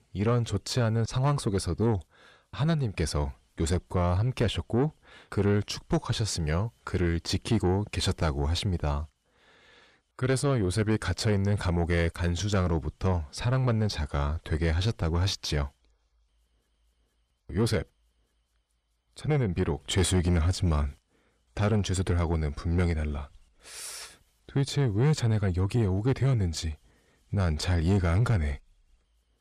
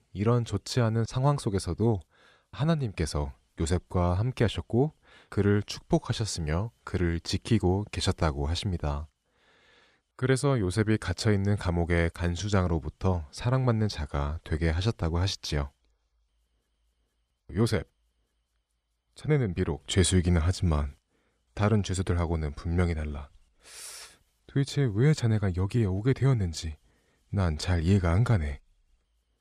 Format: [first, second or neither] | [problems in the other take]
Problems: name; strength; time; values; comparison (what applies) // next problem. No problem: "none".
second | distortion; slight; 10 dB below the speech